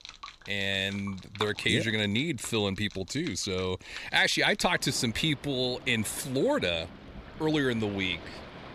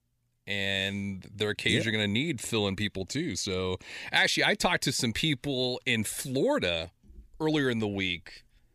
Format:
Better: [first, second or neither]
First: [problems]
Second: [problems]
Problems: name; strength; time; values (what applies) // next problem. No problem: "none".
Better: second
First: rain or running water; noticeable; throughout; 15 dB below the speech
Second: none